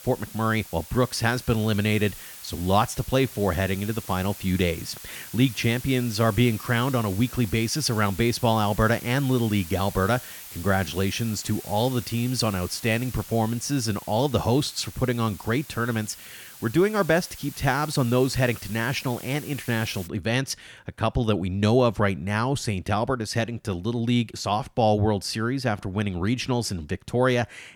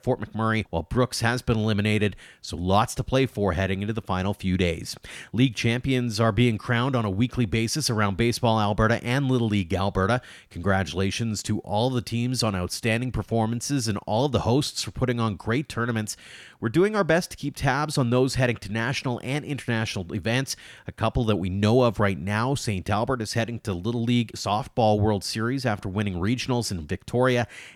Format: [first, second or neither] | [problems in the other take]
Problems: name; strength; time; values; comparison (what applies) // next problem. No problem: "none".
second | hiss; noticeable; until 20 s; 15 dB below the speech